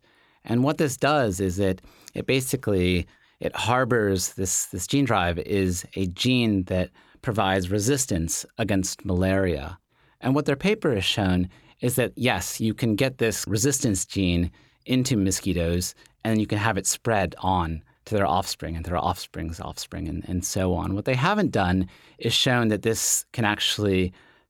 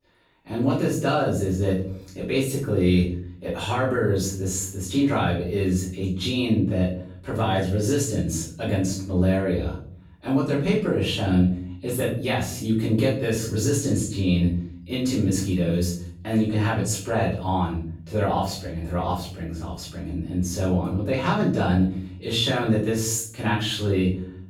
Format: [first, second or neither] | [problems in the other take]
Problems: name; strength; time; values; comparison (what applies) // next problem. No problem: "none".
first | off-mic speech; far // room echo; noticeable; dies away in 0.6 s